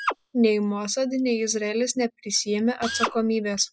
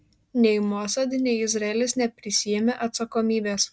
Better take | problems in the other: second | noise reduction (classical method spectral subtraction)

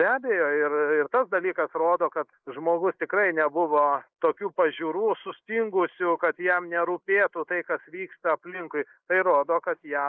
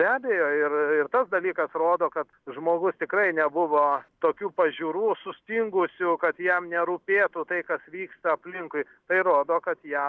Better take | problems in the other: second | noise reduction (neural mask model Resemble Enhance denoiser)

